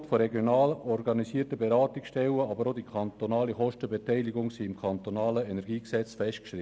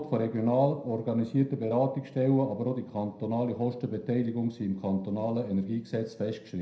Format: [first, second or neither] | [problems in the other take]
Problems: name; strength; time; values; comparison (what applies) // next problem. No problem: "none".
first | room echo; dies away in 0.5 s